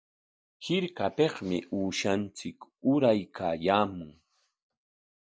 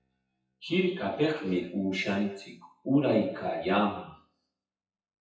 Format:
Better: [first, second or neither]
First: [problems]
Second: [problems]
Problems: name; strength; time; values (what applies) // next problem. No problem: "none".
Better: first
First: none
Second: noise reduction (classical method WPE with log-MMSE)